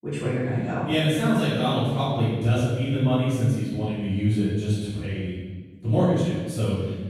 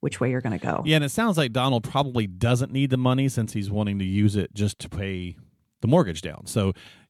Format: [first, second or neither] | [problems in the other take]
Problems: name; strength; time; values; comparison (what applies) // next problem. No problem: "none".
second | off-mic speech; far // room echo; strong; dies away in 1.3 s